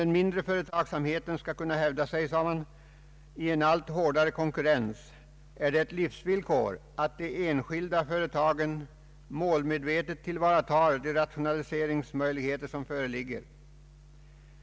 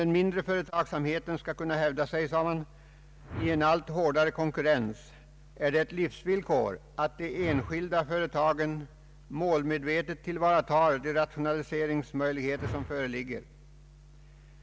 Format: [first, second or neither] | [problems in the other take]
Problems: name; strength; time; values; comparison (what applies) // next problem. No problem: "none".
first | background sound (Whoosh, swoosh, swish); 14 dB below the speech